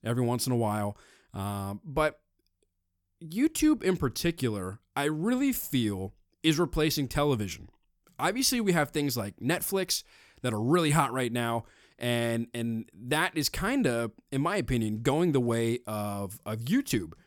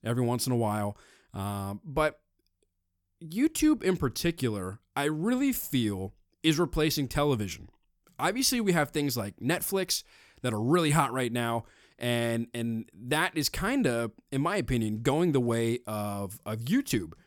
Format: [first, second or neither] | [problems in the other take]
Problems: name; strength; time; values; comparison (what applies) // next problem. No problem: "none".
neither | none